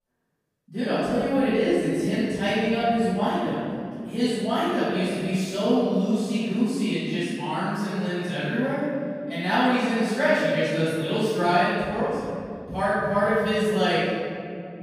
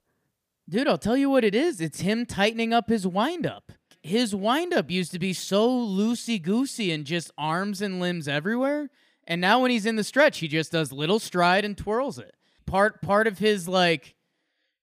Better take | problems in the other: second | off-mic speech; far // room echo; strong; dies away in 2.5 s

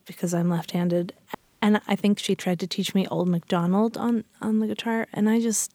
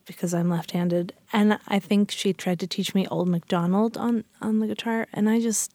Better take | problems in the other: second | audio freezing; at 1.5 s

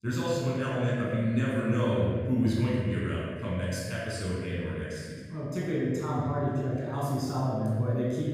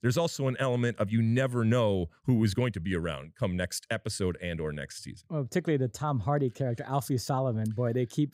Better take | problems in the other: second | off-mic speech; far // room echo; strong; dies away in 1.7 s

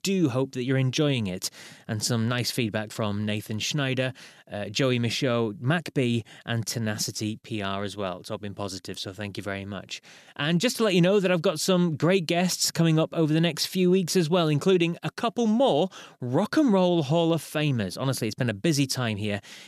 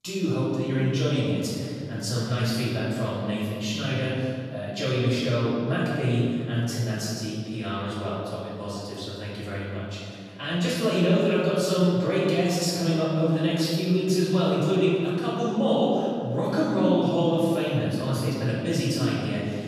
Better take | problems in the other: first | off-mic speech; far // room echo; strong; dies away in 2.3 s

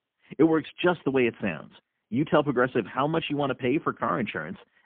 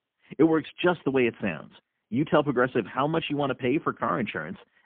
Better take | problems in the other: neither | phone-call audio; poor line; nothing above 3.5 kHz; the same in both

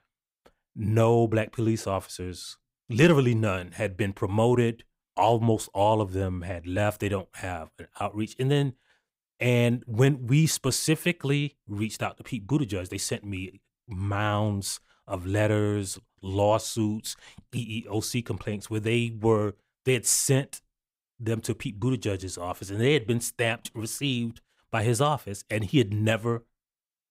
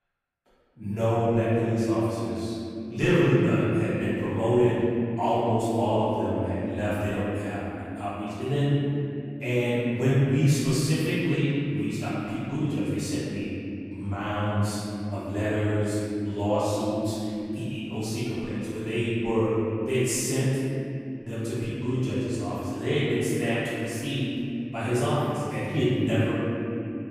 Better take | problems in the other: first | room echo; strong; dies away in 3 s // off-mic speech; far

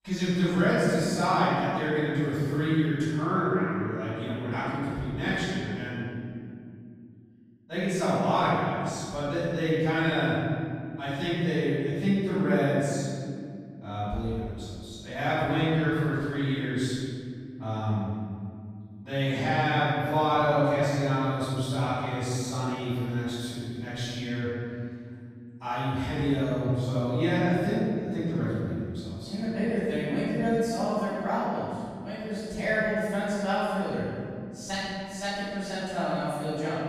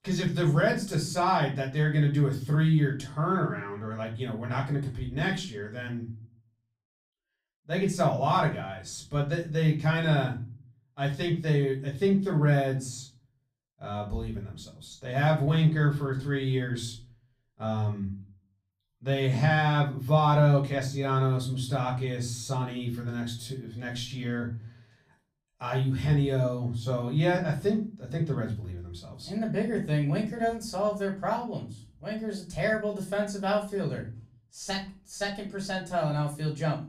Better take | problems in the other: second | room echo; strong; dies away in 2.3 s; slight in the second // off-mic speech; far; far in the second

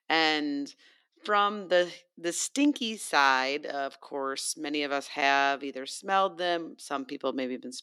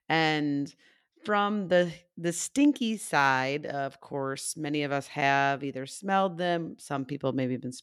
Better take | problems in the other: second | thin; very slightly; fading below 250 Hz

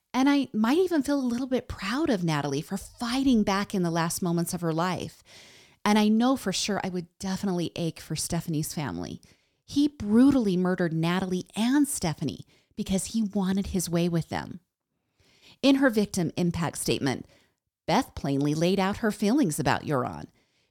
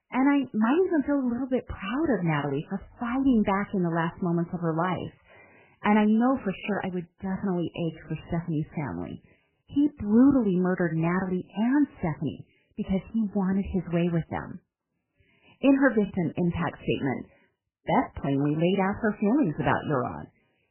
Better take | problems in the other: first | garbled, watery; badly; nothing above 3 kHz

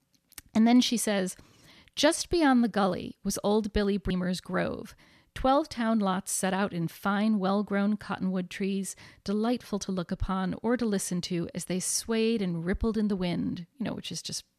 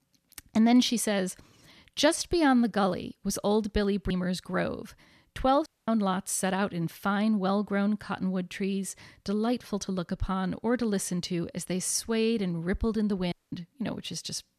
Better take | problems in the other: first | audio cutting out; at 5.5 s and at 13 s

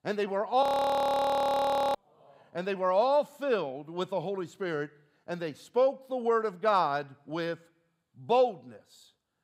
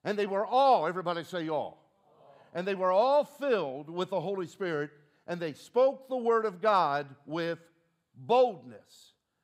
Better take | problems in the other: second | audio freezing; at 0.5 s for 1.5 s

